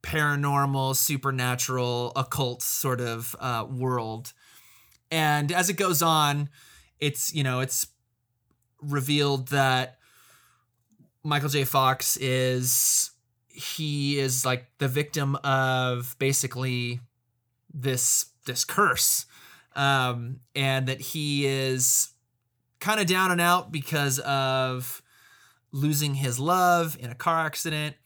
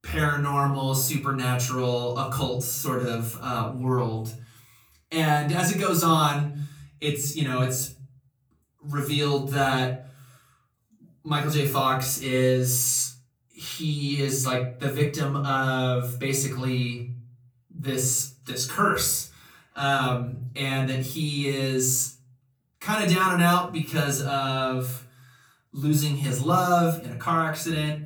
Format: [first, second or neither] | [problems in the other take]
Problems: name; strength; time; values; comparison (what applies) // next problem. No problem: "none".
first | off-mic speech; far // room echo; slight; dies away in 0.5 s